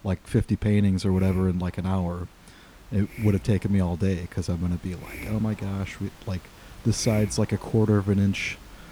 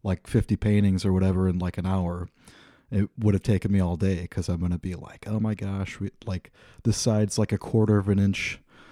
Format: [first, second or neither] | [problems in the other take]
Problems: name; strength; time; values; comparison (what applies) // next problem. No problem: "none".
second | hiss; noticeable; throughout; 20 dB below the speech